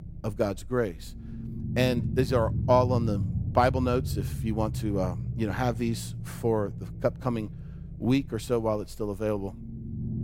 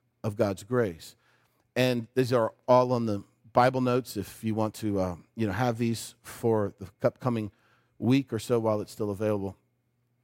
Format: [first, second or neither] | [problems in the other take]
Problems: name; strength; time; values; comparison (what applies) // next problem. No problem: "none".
second | low rumble; noticeable; throughout; 15 dB below the speech